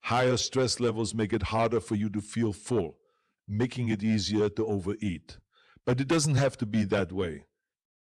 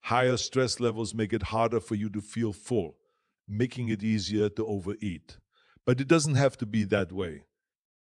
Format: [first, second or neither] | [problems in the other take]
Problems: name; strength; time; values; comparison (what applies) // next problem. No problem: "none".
second | distortion; slight; 10 dB below the speech